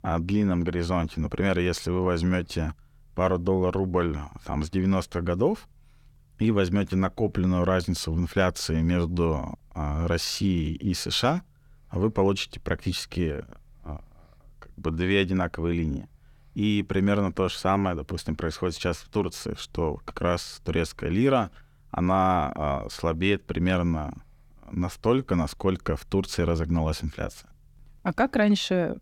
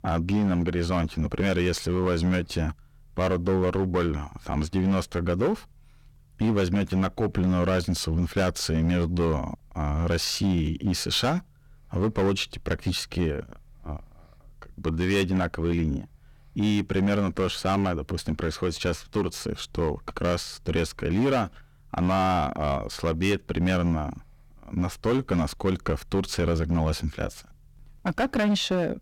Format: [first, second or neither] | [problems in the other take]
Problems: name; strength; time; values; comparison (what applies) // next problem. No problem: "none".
first | distortion; slight; 9% of the sound clipped